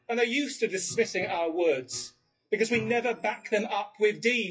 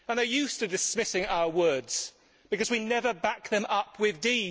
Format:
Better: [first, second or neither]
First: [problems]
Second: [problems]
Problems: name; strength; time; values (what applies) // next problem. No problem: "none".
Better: second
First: noise reduction (classical method WPE with log-MMSE)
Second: none